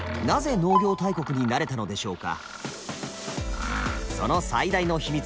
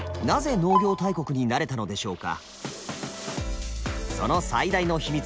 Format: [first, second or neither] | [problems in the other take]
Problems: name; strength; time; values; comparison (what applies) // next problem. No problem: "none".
second | background sound (Mechanisms); 14 dB below the speech